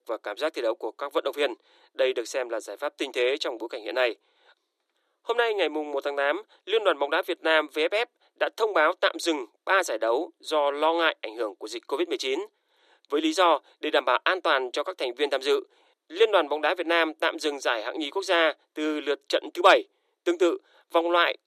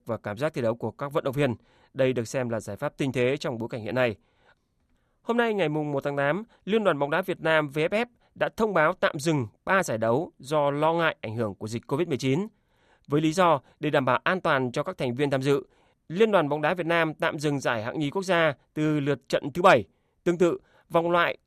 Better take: second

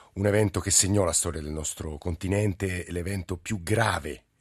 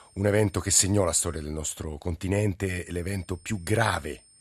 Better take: first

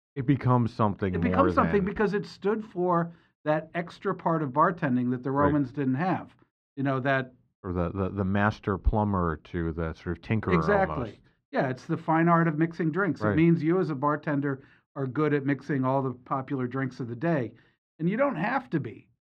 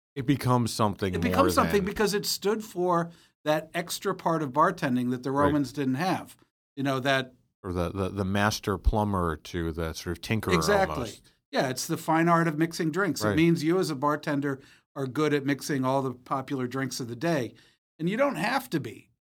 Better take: second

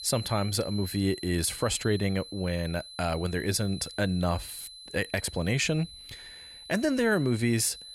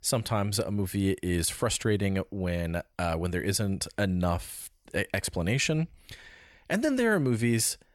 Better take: second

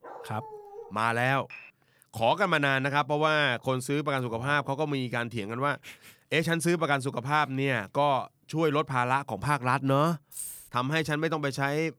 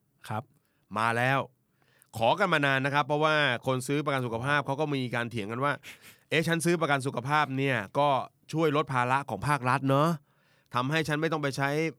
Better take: second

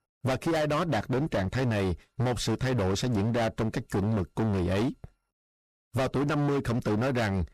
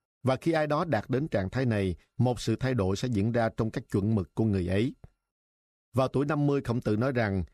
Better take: second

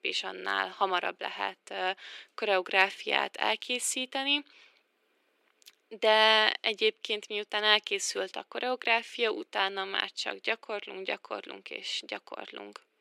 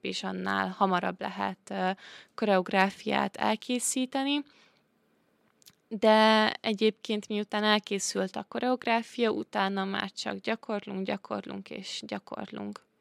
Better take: second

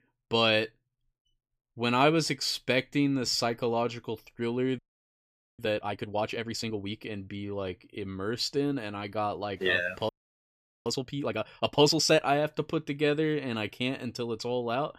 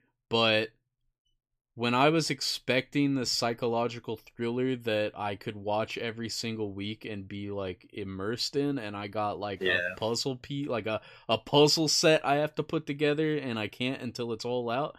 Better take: second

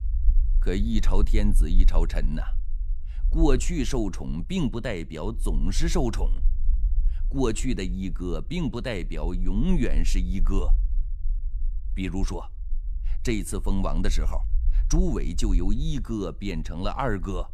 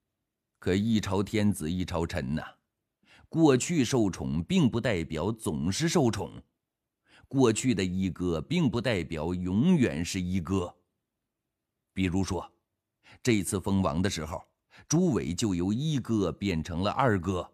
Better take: second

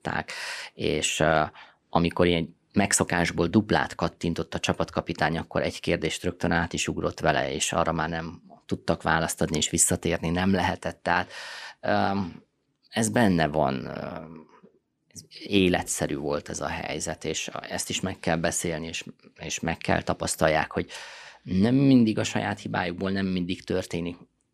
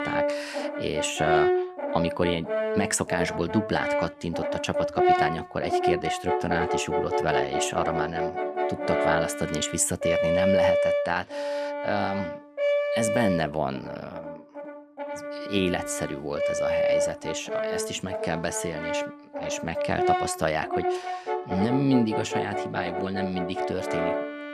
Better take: first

